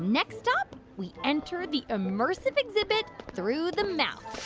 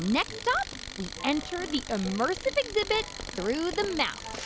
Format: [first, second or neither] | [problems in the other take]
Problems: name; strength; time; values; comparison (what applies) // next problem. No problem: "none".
first | background sound (Tools); 11 dB below the speech